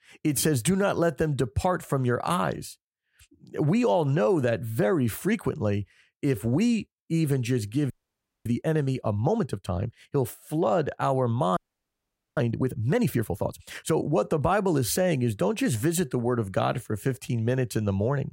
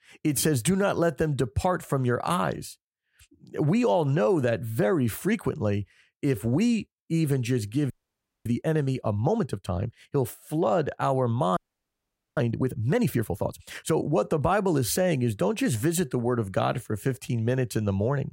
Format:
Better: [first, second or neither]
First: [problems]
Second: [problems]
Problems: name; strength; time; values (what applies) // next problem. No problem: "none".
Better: neither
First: audio freezing; at 8 s for 0.5 s and at 12 s for 1 s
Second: audio freezing; at 8 s for 0.5 s and at 12 s for 1 s